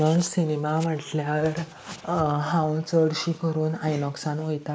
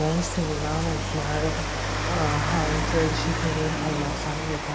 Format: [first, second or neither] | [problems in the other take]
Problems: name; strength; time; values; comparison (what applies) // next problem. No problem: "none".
first | background sound (Rain); 1 dB above the speech